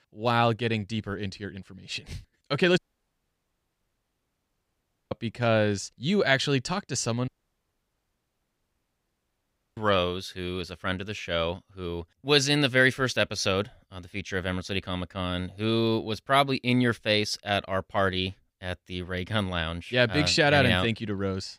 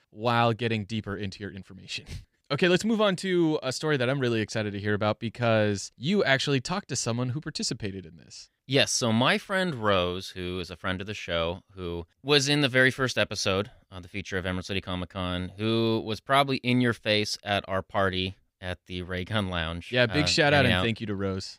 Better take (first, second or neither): second